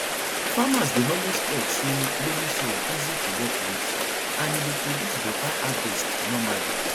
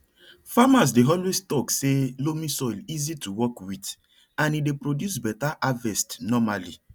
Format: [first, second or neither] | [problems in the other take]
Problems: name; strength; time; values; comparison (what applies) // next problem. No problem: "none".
second | background sound (Rain); 4 dB above the speech